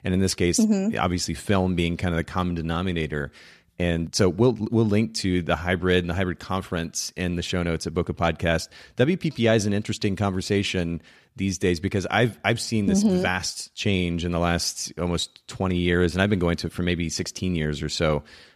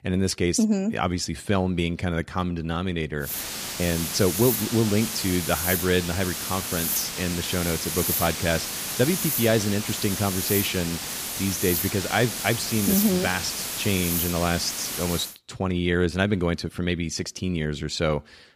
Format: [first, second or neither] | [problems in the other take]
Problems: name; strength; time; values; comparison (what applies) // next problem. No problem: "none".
first | hiss; loud; from 3.5 to 15 s; 2 dB below the speech